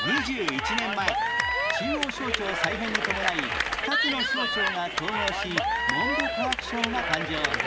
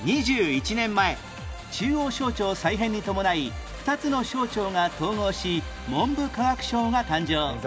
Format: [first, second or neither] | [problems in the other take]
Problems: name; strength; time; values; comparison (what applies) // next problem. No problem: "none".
second | background sound (Cheering / Clapping); 5 dB above the speech